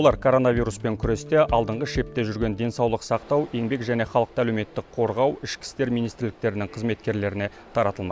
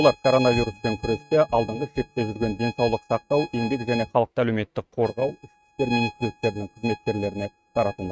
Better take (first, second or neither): first